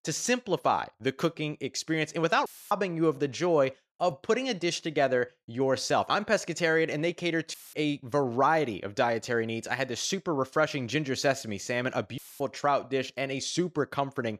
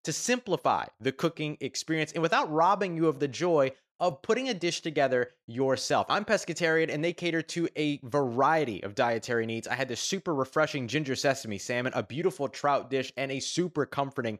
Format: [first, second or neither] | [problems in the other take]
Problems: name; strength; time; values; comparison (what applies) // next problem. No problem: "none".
second | audio cutting out; filled with static; at 2.5 s, at 7.5 s and at 12 s